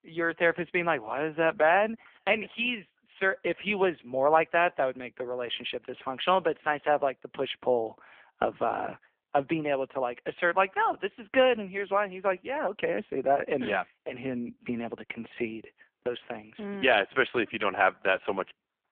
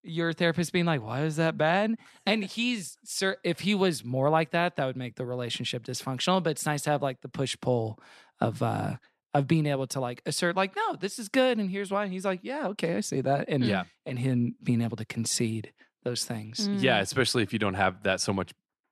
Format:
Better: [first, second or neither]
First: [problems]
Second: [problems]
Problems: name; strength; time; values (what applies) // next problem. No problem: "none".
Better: second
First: phone-call audio; poor line; nothing above 3.5 kHz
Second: none